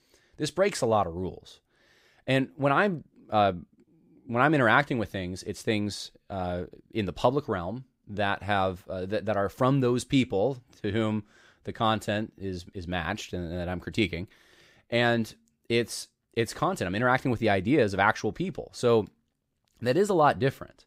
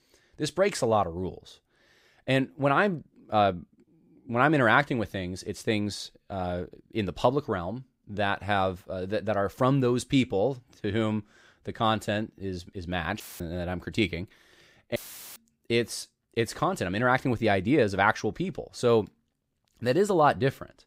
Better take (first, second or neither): first